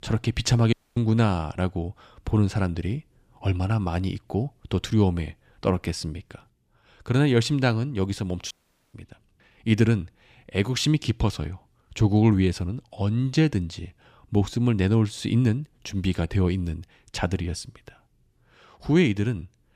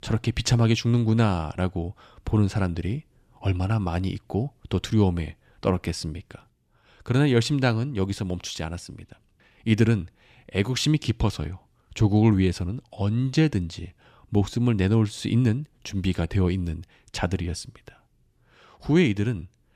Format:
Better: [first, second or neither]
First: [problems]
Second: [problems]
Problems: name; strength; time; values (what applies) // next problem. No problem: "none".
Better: second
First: audio cutting out; at 0.5 s and at 8.5 s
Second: none